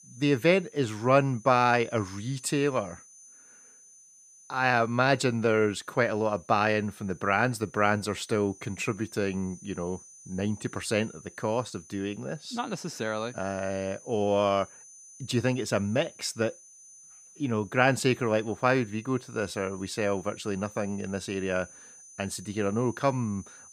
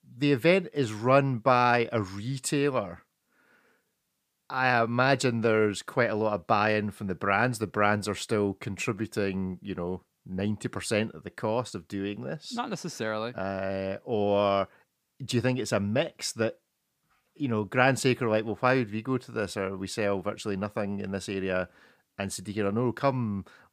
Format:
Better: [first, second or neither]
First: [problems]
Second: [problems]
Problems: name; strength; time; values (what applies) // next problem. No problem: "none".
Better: second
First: high-pitched whine; faint; throughout; 6 kHz, 20 dB below the speech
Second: none